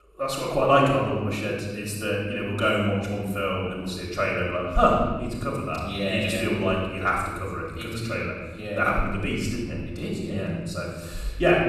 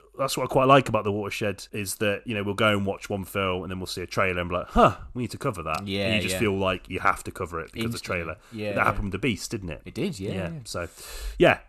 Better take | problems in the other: second | off-mic speech; far // room echo; noticeable; dies away in 1.3 s

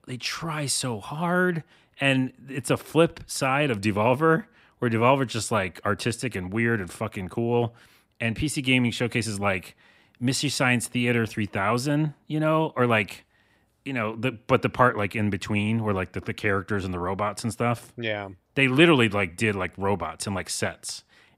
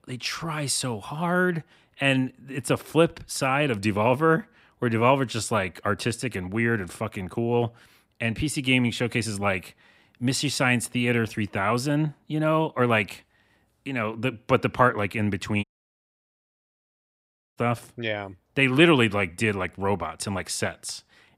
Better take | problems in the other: first | audio cutting out; at 16 s for 2 s

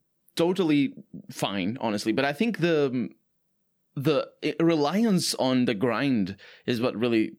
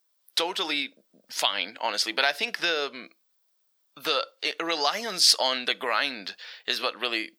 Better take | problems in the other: first | thin; very; fading below 950 Hz

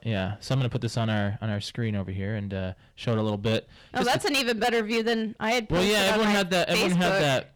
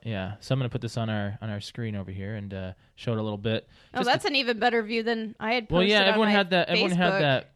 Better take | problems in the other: second | distortion; heavy; 15% of the sound clipped

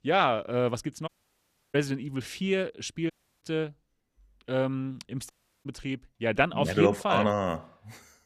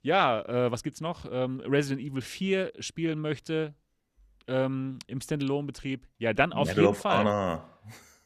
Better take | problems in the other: second | audio cutting out; at 1 s for 0.5 s, at 3 s and at 5.5 s

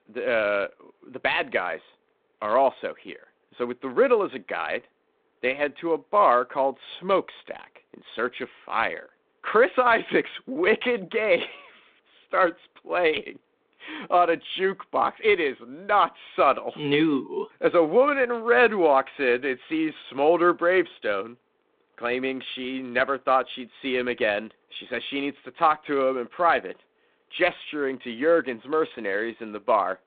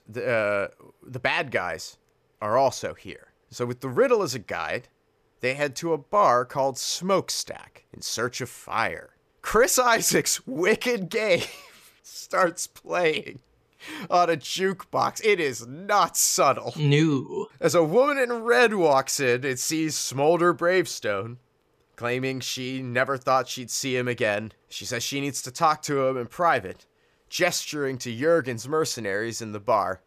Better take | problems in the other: second | phone-call audio; nothing above 3.5 kHz

